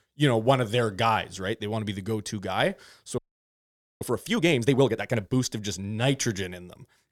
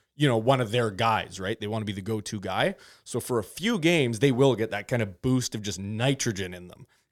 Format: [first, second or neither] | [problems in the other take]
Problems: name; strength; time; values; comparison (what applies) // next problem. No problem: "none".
second | audio freezing; at 3 s for 1 s